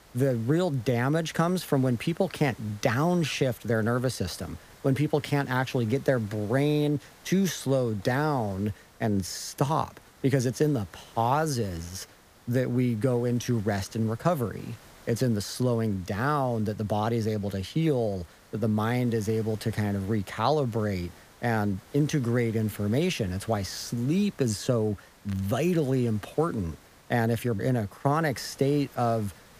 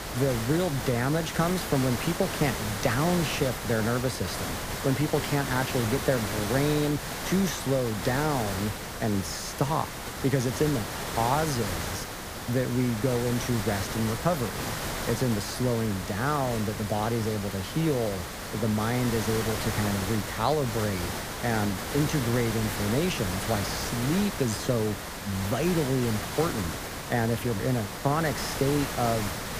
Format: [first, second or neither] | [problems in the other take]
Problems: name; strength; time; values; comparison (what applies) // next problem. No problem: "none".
first | hiss; loud; throughout; 4 dB below the speech; faint in the first